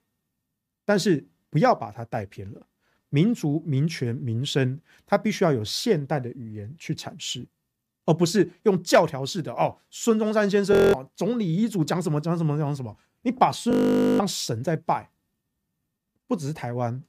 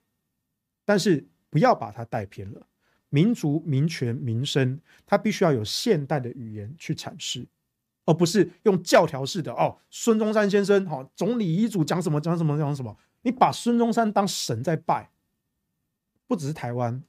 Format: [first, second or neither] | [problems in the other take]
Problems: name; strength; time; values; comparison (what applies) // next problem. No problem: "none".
second | audio freezing; at 11 s and at 14 s